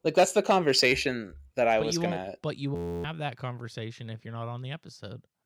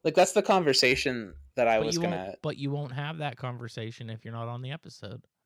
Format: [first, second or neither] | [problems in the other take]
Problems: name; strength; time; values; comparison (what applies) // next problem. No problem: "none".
second | audio freezing; at 3 s